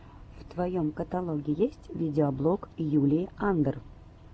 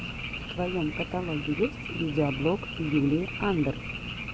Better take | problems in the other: first | background sound (Frog); 7 dB below the speech

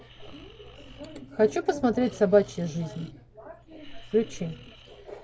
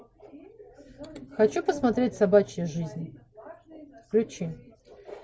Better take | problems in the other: second | background sound (Breathing); 19 dB below the speech

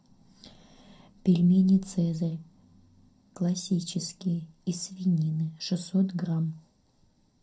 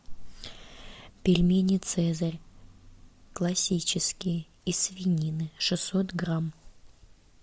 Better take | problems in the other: second | room echo; dies away in 0.2 s

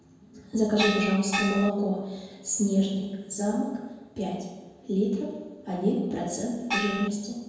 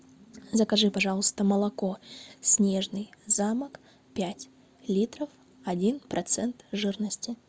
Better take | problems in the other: second | background sound (Gong); 2 dB below the speech // room echo; dies away in 1.2 s

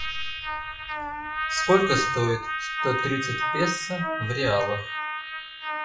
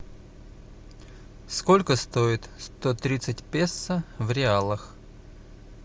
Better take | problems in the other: second | noise reduction (classical method WPE with log-MMSE)

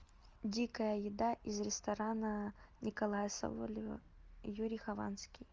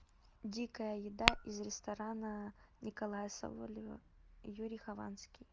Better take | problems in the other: first | background sound (Tap / Glass); 5 dB above the speech

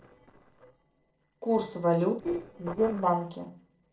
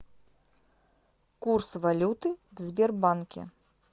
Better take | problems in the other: second | noise reduction (neural separator model SepFormer DNS4)

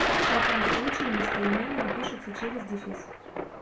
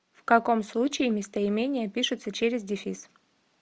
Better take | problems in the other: second | background sound (Thunder); 5 dB above the speech // room echo; dies away in 0.3 s

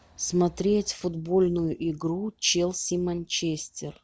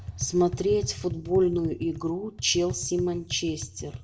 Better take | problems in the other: first | background sound (Tap); 11 dB below the speech // room echo; dies away in 0.4 s

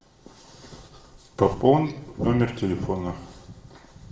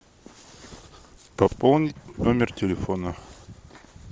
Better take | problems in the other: second | room echo; dies away in 0.5 s

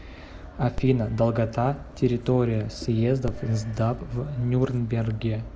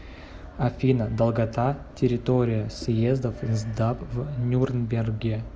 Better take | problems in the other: second | background sound (Dog); 16 dB below the speech

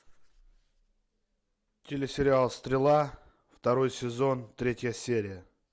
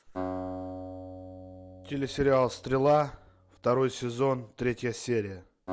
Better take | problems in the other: first | background sound (Acoustic guitar); 13 dB below the speech

